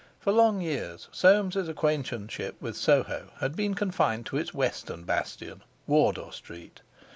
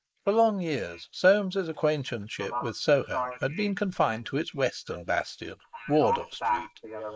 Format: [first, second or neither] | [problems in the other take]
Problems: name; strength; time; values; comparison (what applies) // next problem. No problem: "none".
first | noise reduction (neural mask model Resemble Enhance denoiser)